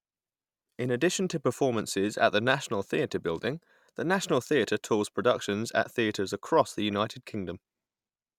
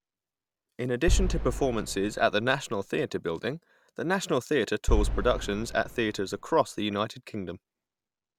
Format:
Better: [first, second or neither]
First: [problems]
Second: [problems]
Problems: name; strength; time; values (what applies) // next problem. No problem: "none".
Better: first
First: none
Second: background sound (Boom); 1 dB below the speech